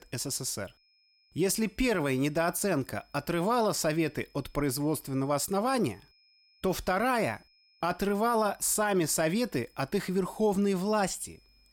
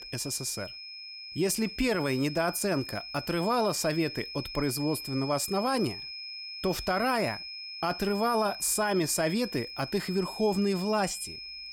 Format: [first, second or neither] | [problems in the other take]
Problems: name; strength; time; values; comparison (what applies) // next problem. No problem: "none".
first | high-pitched whine; loud; throughout; 5 kHz, 9 dB below the speech; faint in the first